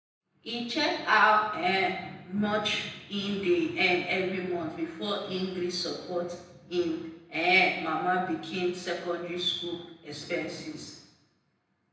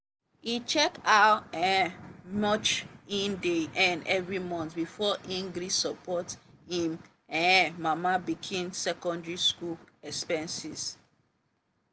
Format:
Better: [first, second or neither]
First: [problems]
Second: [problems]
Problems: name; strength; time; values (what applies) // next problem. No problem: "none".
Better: second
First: room echo; dies away in 0.9 s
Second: none